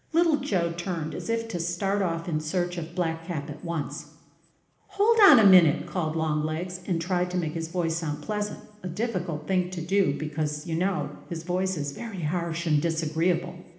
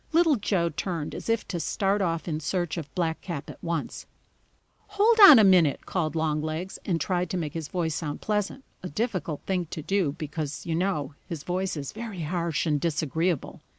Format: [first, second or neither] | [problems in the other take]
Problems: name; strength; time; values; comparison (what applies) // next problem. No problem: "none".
second | room echo; dies away in 1 s